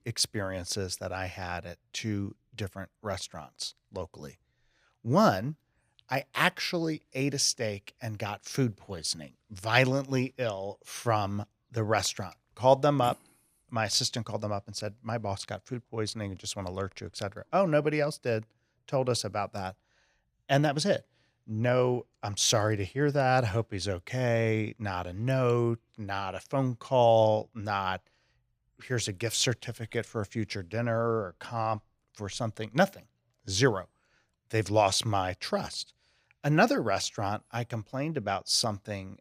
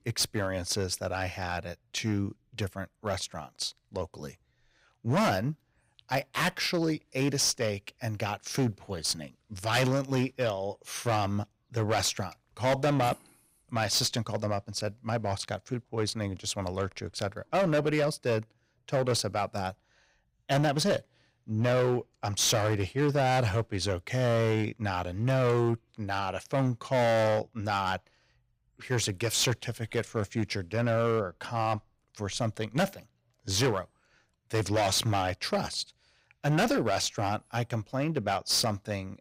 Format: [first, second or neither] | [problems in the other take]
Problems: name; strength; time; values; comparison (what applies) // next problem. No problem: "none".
first | distortion; heavy; 8% of the sound clipped